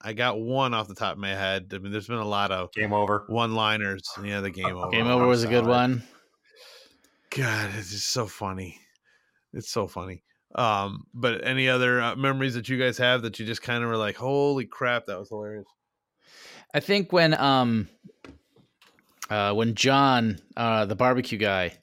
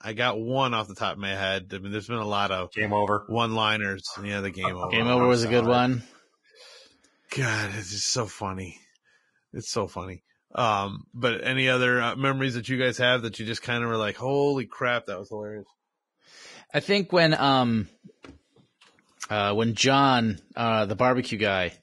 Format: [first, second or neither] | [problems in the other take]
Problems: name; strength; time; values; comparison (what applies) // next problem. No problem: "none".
first | garbled, watery; badly; nothing above 11 kHz